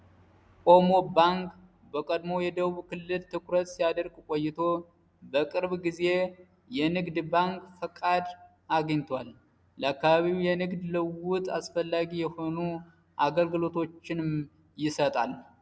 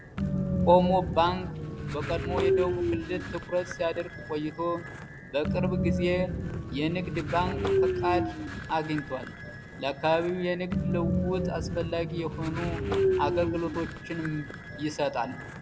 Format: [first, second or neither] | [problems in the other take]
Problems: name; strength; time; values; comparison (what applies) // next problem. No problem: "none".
first | background sound (Train); as loud as the speech